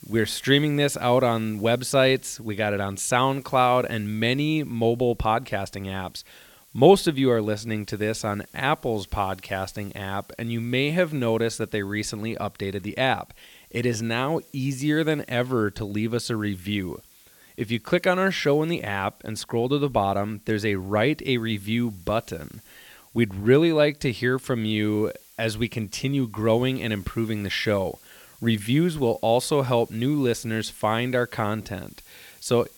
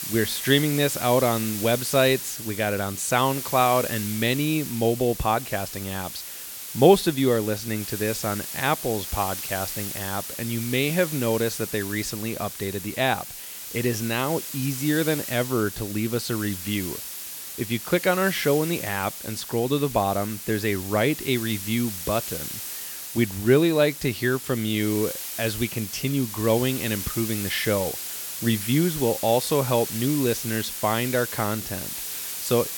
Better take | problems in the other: first | hiss; loud; throughout; 7 dB below the speech; faint in the first

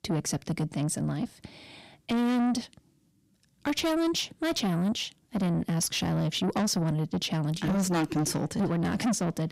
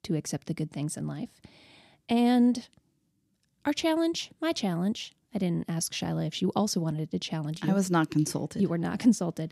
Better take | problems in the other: second | distortion; heavy; 6 dB below the speech

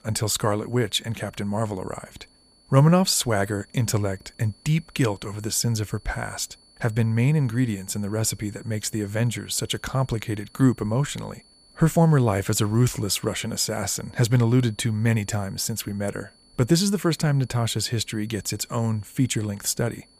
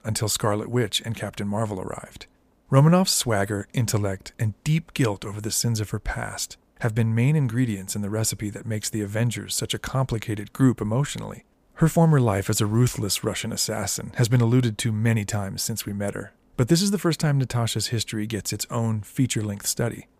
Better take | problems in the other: second | high-pitched whine; faint; throughout; 4.5 kHz, 30 dB below the speech

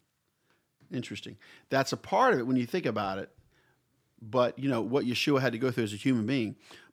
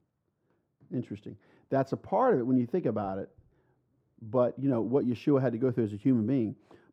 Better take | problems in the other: first | muffled; very; fading above 1.5 kHz

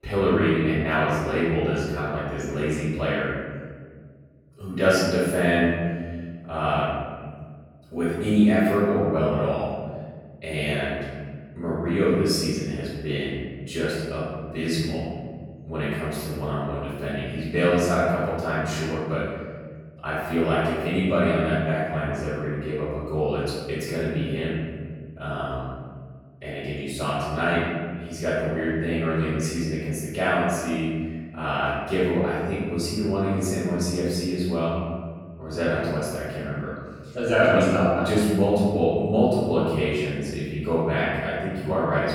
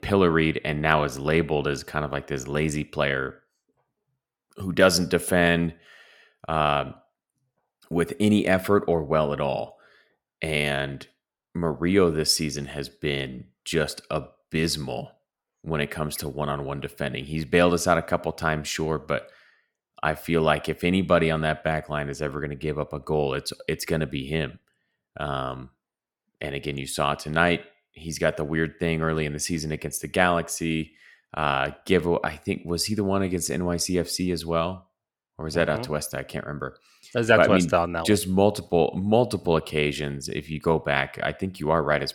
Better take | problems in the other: second | off-mic speech; far // room echo; strong; dies away in 1.9 s

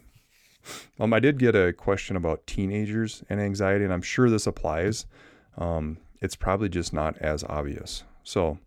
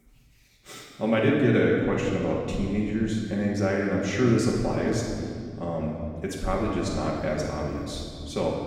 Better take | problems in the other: first | off-mic speech; far // room echo; noticeable; dies away in 2.1 s

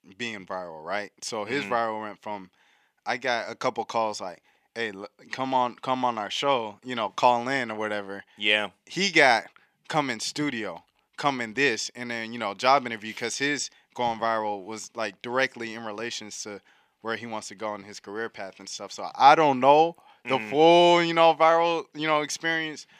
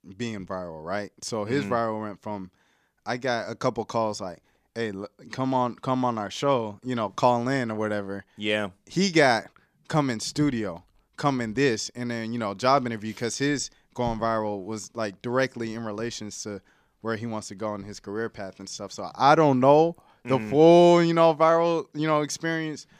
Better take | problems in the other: second | thin; very slightly; fading below 750 Hz

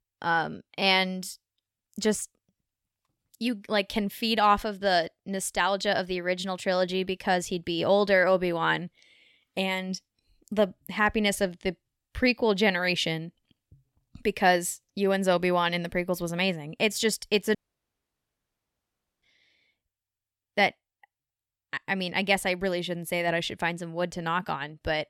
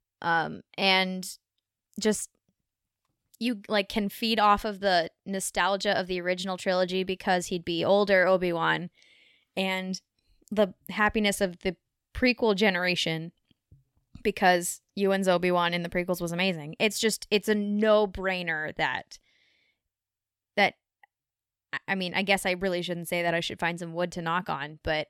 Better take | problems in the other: second | audio cutting out; at 18 s for 1.5 s

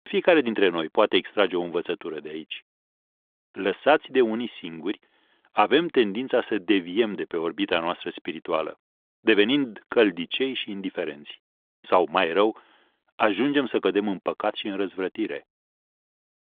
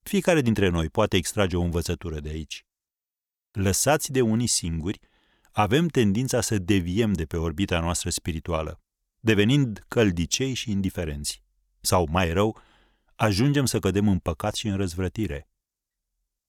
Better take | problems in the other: second | phone-call audio; nothing above 3.5 kHz

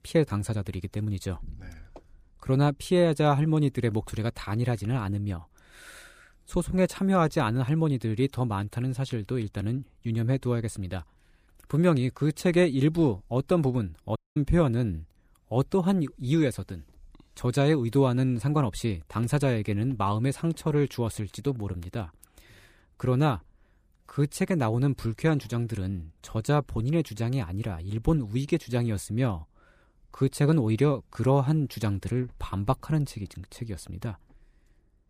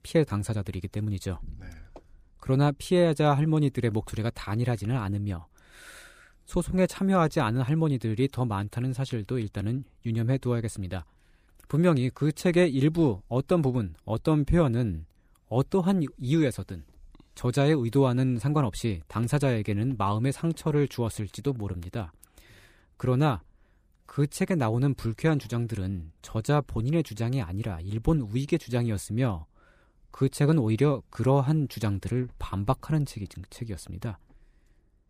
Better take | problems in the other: second | audio cutting out; at 14 s

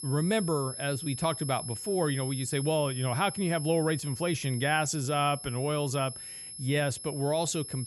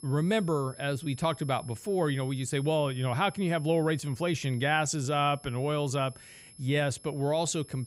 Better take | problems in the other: second | high-pitched whine; loud; throughout; 11 kHz, 8 dB below the speech; faint in the second

